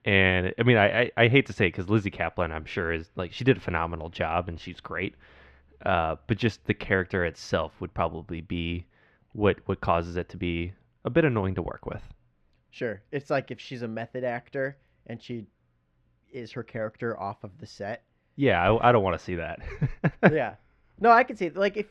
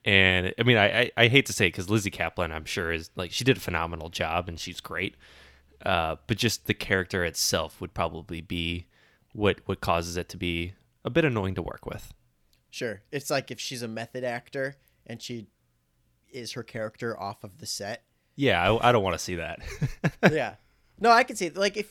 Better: second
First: muffled; very; fading above 2 kHz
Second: none

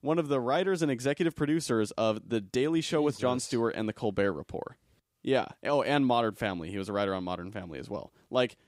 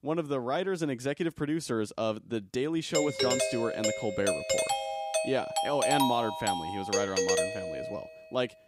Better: first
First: none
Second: doorbell; loud; from 3 to 8 s; peak 5 dB above the speech

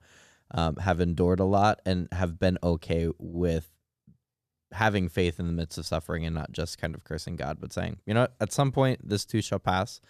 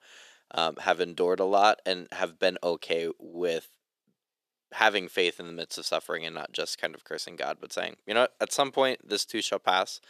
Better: first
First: none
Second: thin; very; fading below 350 Hz

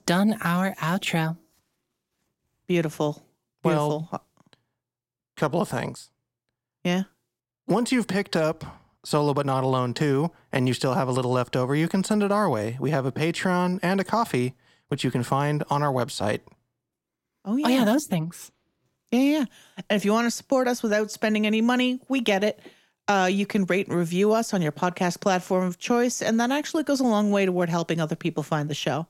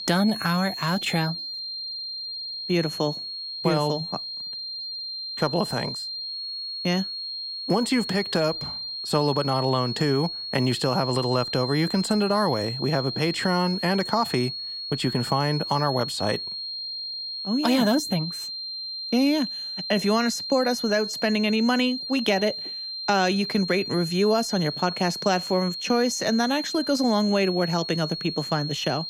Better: first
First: none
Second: high-pitched whine; loud; throughout; 4 kHz, 6 dB below the speech

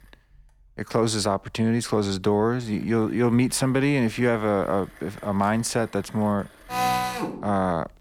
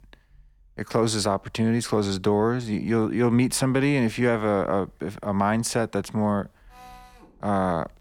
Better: second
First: machinery noise; loud; throughout; 3 dB below the speech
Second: machinery noise; faint; throughout; 25 dB below the speech

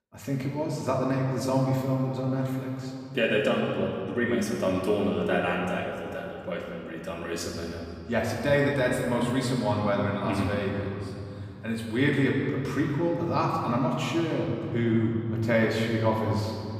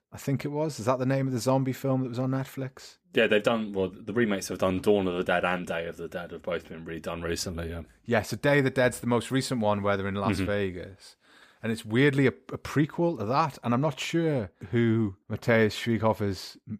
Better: second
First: room echo; noticeable; dies away in 2.8 s // off-mic speech; far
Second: none

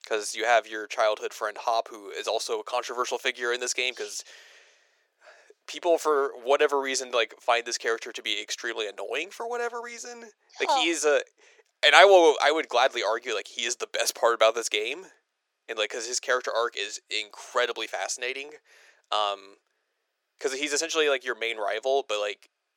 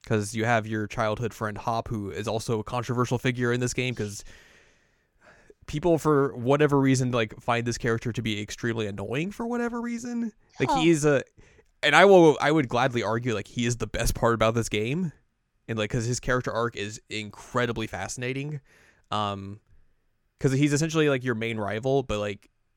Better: second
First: thin; very; fading below 400 Hz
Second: none

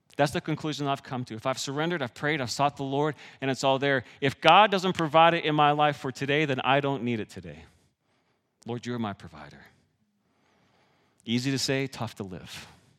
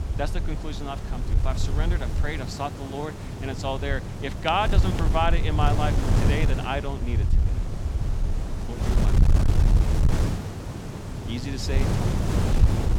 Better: first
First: none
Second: wind noise on the microphone; heavy; 6 dB below the speech

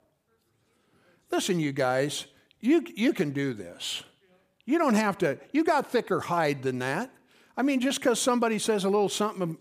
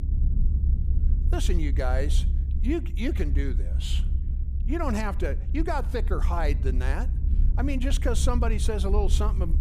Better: first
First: none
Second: low rumble; noticeable; throughout; 15 dB below the speech

